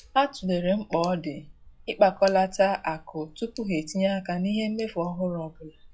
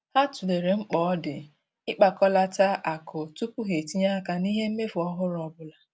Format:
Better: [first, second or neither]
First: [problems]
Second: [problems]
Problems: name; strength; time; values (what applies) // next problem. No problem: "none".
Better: second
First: noise reduction (classical method log-MMSE)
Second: none